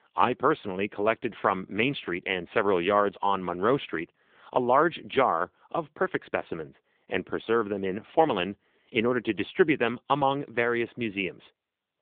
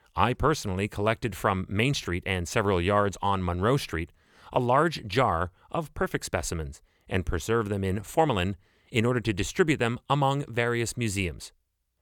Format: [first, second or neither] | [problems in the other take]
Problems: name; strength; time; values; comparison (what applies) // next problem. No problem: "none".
second | phone-call audio